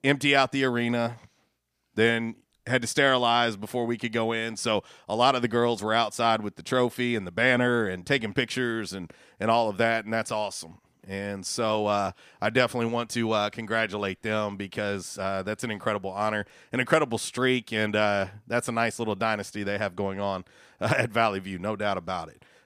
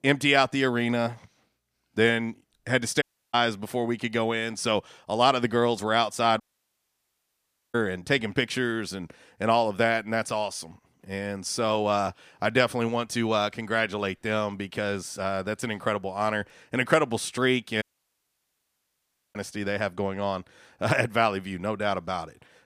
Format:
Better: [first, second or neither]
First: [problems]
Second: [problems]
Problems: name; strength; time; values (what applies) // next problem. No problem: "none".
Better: first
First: none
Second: audio cutting out; at 3 s, at 6.5 s for 1.5 s and at 18 s for 1.5 s